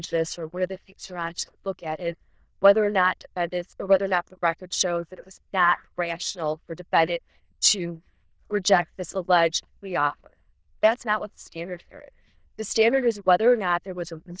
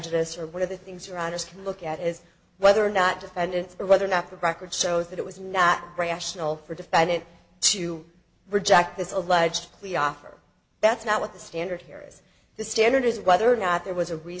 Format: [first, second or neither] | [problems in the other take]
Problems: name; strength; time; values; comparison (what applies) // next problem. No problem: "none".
second | noise reduction (neural diffusion model UNIVERSE++)